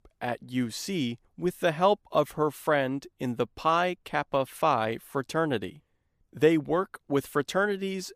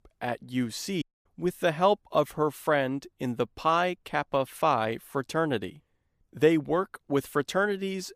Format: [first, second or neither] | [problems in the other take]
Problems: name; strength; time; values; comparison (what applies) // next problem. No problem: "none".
first | audio cutting out; at 1 s